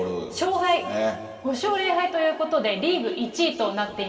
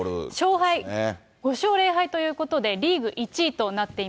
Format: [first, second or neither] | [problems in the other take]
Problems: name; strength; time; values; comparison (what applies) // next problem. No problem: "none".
second | room echo; dies away in 2.2 s